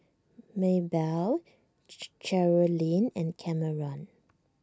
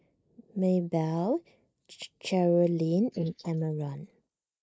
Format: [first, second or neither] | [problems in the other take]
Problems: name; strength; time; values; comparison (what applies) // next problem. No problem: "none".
first | noise reduction (neural mask model Resemble Enhance denoiser)